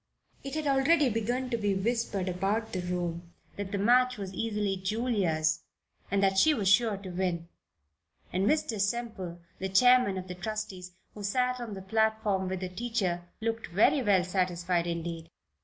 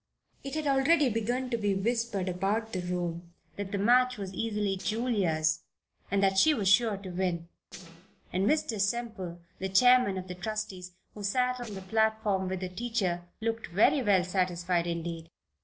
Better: first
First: none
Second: noise reduction (neural separator model SepFormer DNS4)

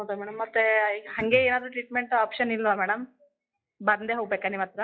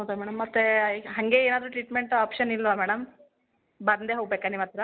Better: second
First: noise reduction (classical method log-MMSE)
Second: none

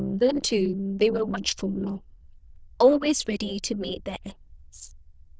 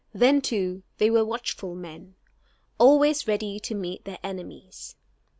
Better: second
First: noise reduction (neural diffusion model UNIVERSE++)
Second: none

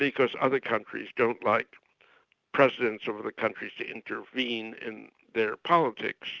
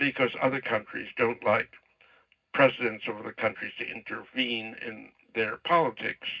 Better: first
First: none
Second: room echo; dies away in 0.4 s

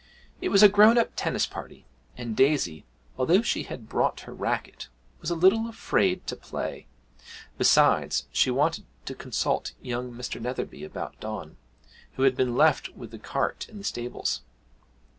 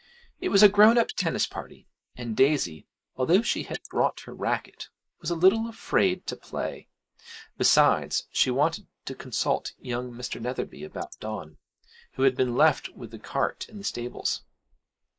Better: first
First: none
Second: noise reduction (neural mask model Resemble Enhance denoiser)

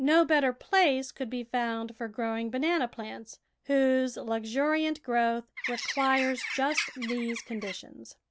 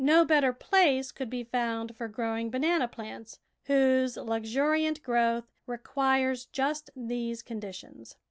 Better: second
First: background sound (Bird); 7 dB below the speech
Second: none

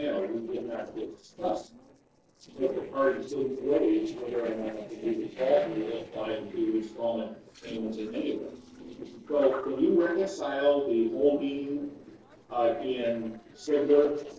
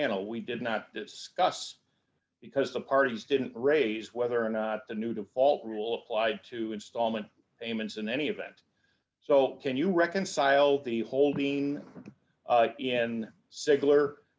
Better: second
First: noise reduction (neural separator model SepFormer DNS4)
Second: none

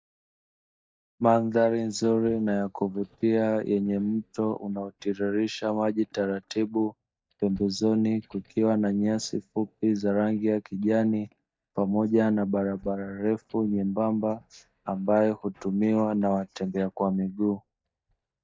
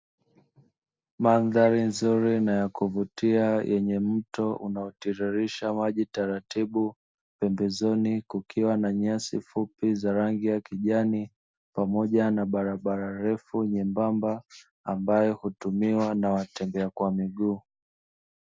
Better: second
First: noise reduction (neural mask model DeepFilterNet 3)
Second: none

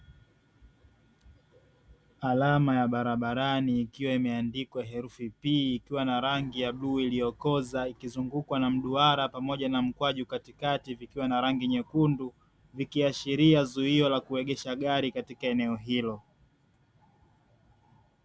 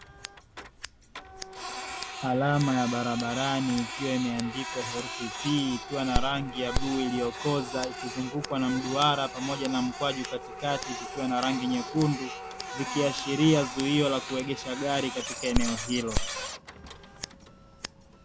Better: first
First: none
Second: background sound (Printer + Scissors); 6 dB below the speech

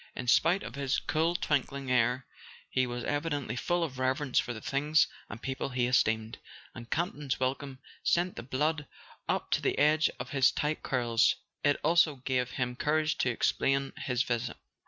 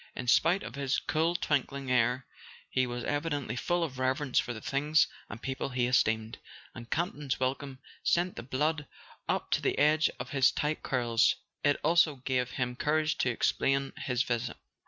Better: second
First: background sound (Squeak / Tools); 15 dB below the speech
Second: none

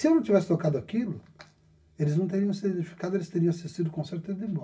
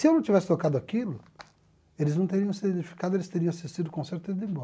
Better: second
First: room echo; dies away in 0.1 s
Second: none

